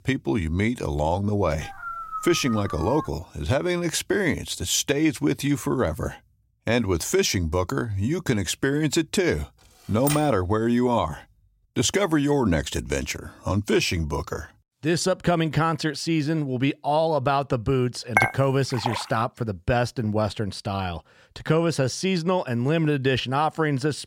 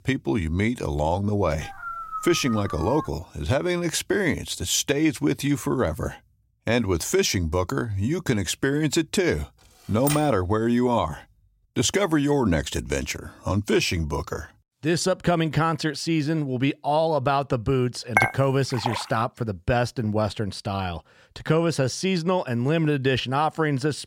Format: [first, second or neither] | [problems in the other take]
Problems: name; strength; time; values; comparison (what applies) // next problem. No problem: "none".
neither | dog barking; noticeable; from 1.5 to 3 s; peak 8 dB below the speech; the same in both // keyboard typing; noticeable; at 10 s; peak 5 dB below the speech; the same in both // clattering dishes; loud; at 18 s; peak 2 dB above the speech; the same in both